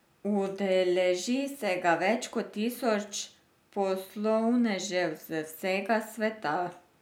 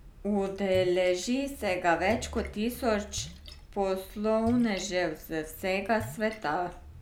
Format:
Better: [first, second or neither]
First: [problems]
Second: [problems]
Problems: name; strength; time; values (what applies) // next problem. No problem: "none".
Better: first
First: none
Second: background sound (Splash, splatter); 15 dB below the speech